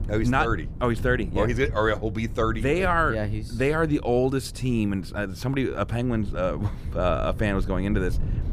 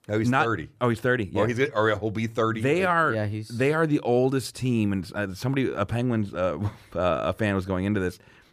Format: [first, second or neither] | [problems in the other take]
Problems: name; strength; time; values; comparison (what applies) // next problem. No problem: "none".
second | wind noise on the microphone; occasional gusts; 20 dB below the speech